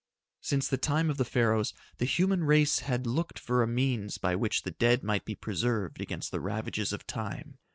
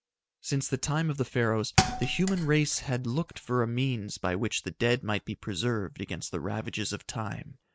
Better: first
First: none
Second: background sound (Thump, thud); 4 dB below the speech

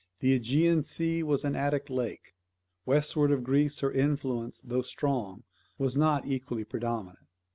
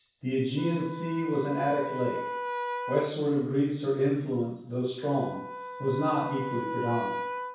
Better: first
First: none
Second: background sound (Wind instrument, woodwind instrument); 7 dB below the speech // room echo; dies away in 0.7 s

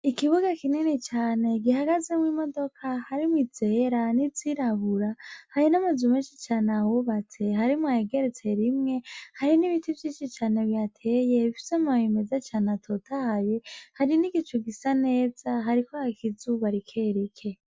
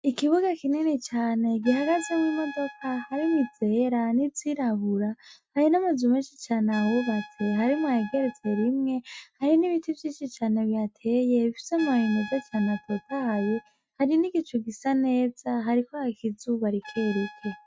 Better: first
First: none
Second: noise reduction (neural mask model RNNoise)

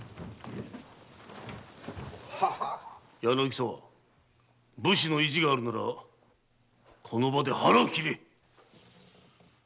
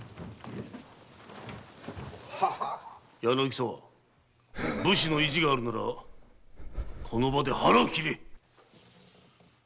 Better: first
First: none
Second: background sound (Breathing); 7 dB below the speech

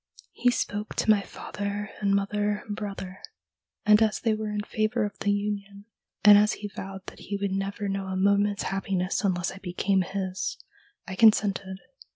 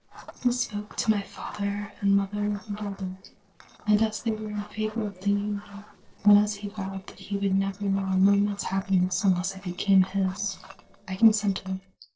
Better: first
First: none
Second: noise reduction (neural separator model SepFormer DNS4)

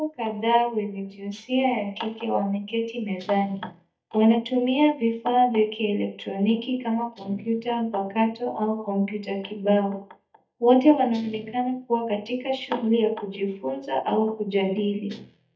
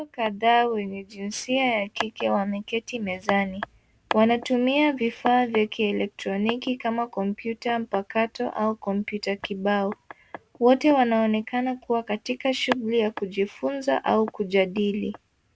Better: second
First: noise reduction (neural mask model DeepFilterNet 3)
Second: none

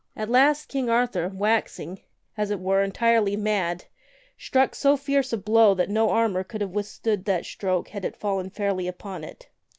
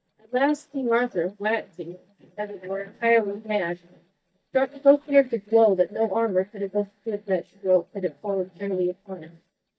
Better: first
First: none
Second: noise reduction (neural mask model DeepFilterNet 3)

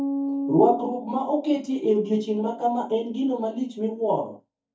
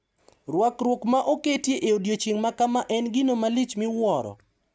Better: second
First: noise reduction (neural mask model DeepFilterNet 3)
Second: none

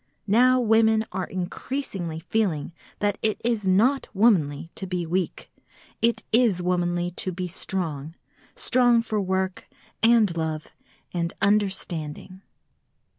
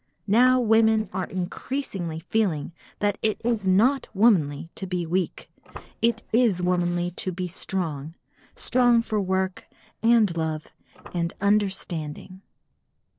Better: first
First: none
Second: noise reduction (neural separator model SepFormer DNS4)

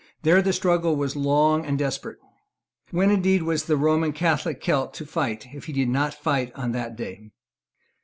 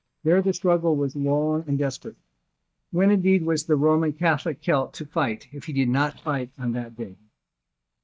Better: first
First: none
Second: noise reduction (neural mask model DeepFilterNet 3)

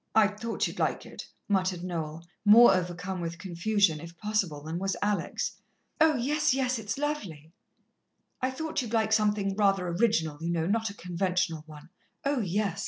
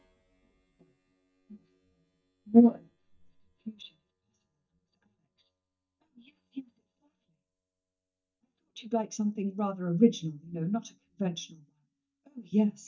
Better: first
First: none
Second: noise reduction (neural mask model DeepFilterNet 3)

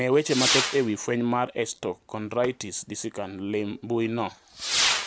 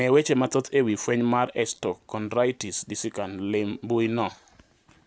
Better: second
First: background sound (Whoosh, swoosh, swish / Fireworks); 4 dB below the speech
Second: none

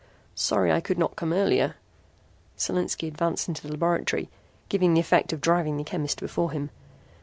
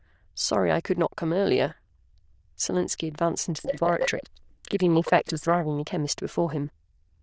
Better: first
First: none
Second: noise reduction (neural diffusion model UNIVERSE++)

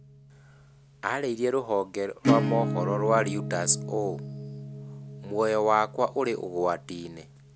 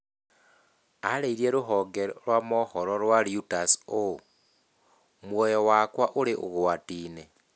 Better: second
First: background sound (Acoustic guitar / Strum); 5 dB below the speech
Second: none

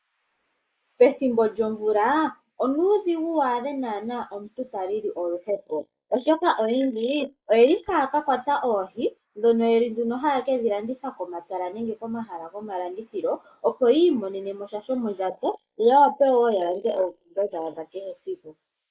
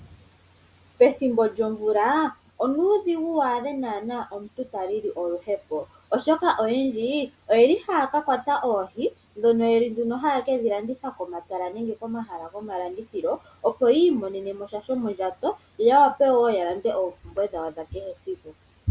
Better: second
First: noise reduction (neural mask model Resemble Enhance denoiser)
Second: none

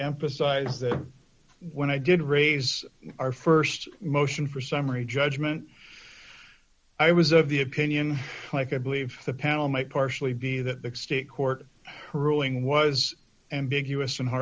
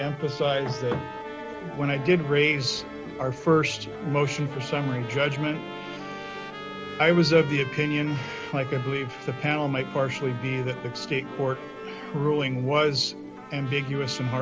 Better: first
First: none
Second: background sound (Musical instrument + Trumpet); 11 dB below the speech

